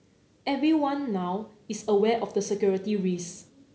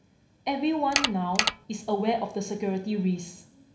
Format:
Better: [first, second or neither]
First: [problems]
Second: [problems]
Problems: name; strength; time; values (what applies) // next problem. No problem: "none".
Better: first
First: none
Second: background sound (Mechanisms); 2 dB above the speech // room echo; dies away in 0.6 s